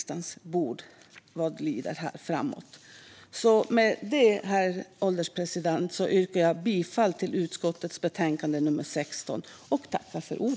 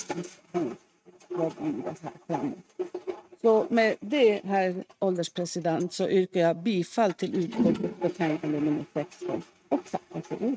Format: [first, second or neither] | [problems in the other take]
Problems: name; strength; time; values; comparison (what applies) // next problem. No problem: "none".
first | noise reduction (neural mask model RNNoise)